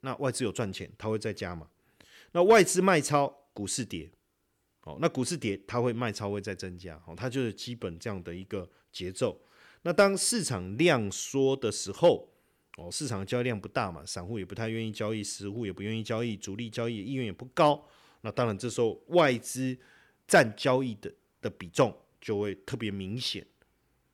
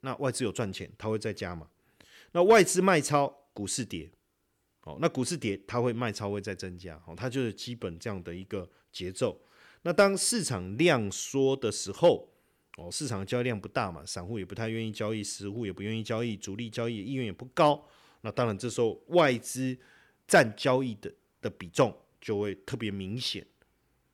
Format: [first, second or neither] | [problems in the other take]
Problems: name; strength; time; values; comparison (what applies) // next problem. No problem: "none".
neither | none